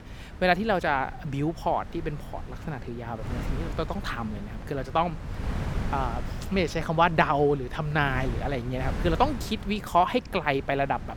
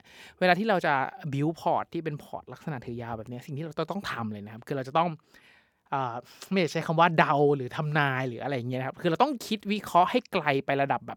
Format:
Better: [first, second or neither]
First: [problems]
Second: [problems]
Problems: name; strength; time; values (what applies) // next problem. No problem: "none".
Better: second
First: wind noise on the microphone; occasional gusts; 15 dB below the speech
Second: none